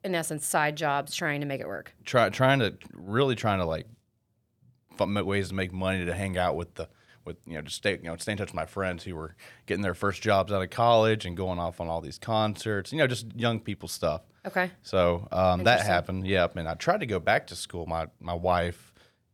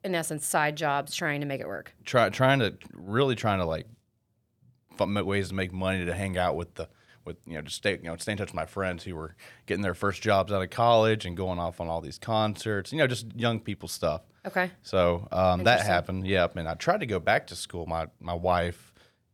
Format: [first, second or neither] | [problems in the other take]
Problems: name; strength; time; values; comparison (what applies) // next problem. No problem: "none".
neither | none